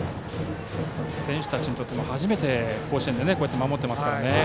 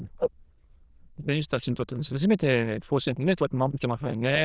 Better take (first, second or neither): first